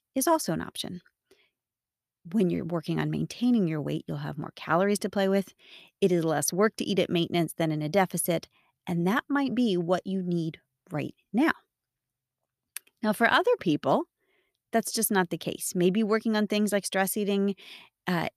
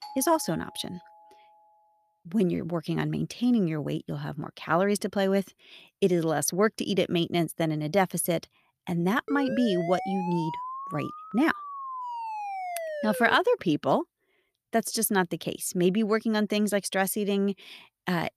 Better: first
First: none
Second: doorbell; faint; until 1.5 s; peak 15 dB below the speech // siren; noticeable; from 9.5 to 13 s; peak 7 dB below the speech

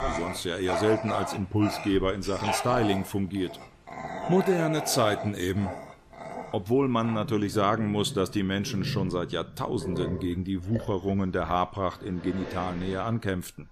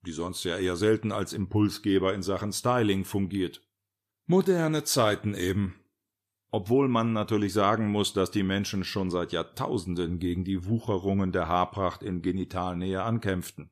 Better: second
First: animal sounds; loud; throughout; 8 dB below the speech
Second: none

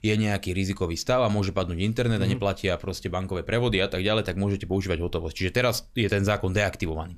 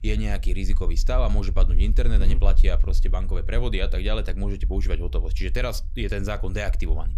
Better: first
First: none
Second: low rumble; noticeable; throughout; 15 dB below the speech

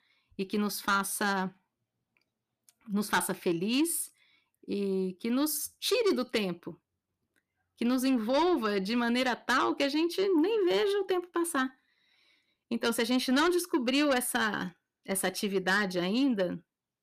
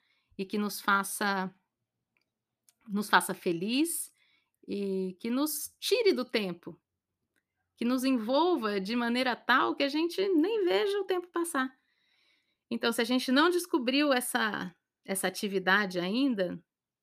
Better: second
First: distortion; slight; 10 dB below the speech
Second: none

